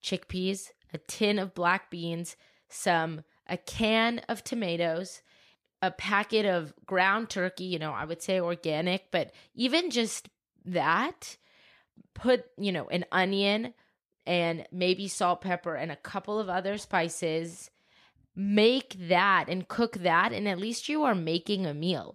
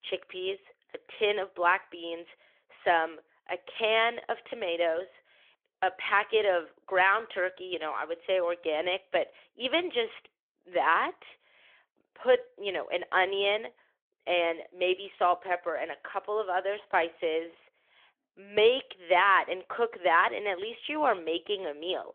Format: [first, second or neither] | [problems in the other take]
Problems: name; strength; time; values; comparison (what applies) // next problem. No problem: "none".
first | phone-call audio; nothing above 3.5 kHz